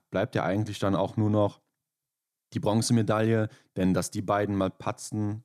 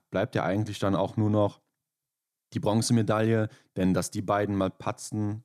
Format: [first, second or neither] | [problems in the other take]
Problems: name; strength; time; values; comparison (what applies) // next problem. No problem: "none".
neither | none